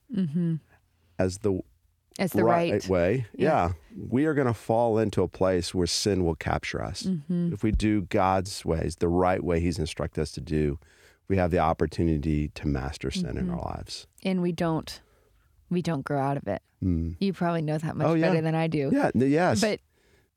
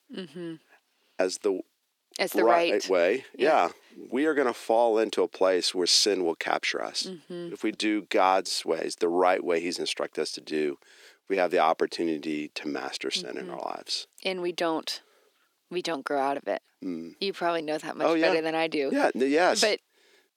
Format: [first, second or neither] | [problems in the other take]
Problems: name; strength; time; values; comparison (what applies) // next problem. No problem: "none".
first | thin; somewhat; fading below 300 Hz